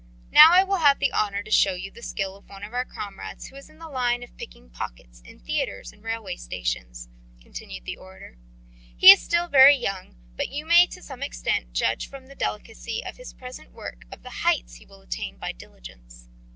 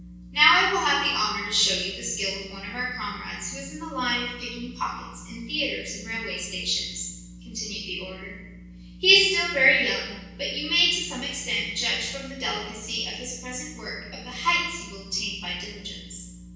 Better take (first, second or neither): first